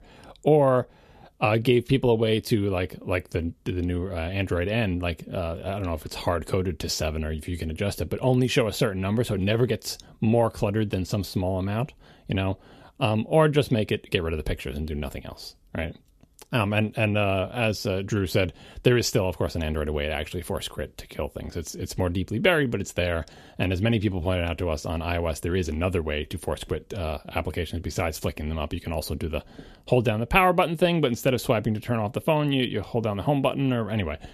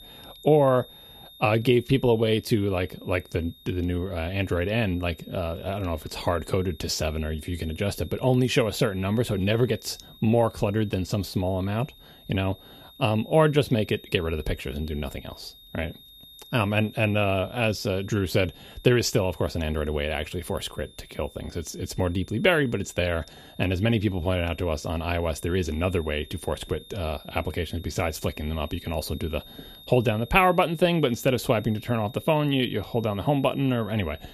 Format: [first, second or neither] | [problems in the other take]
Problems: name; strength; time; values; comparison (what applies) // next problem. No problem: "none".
first | high-pitched whine; faint; throughout; 3.5 kHz, 20 dB below the speech